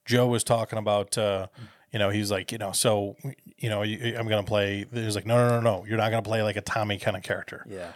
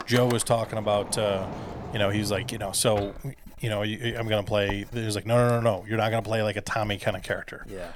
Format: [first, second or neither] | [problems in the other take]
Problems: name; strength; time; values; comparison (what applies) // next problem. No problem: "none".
first | household noises; noticeable; throughout; 15 dB below the speech